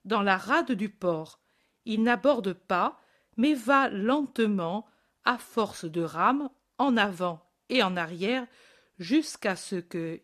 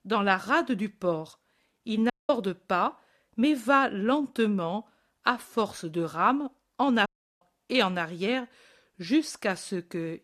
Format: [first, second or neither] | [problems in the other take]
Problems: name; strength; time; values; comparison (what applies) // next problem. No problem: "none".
first | audio cutting out; at 2 s and at 7 s